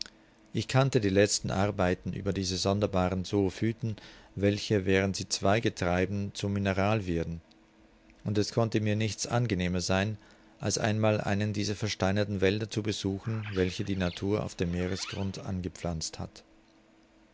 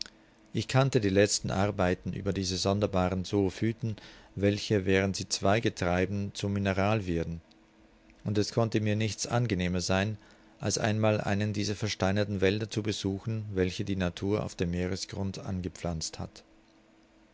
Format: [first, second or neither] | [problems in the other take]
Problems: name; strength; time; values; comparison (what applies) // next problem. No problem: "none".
second | background sound (Bird); 19 dB below the speech